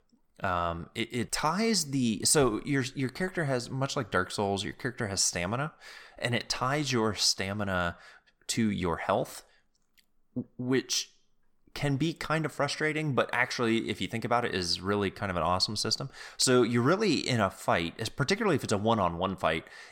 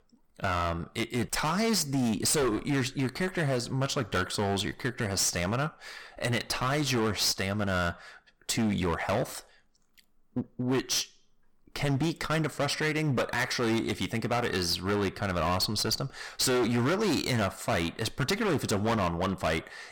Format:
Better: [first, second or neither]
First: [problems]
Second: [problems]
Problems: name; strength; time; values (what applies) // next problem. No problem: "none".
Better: first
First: none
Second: distortion; heavy; 17% of the sound clipped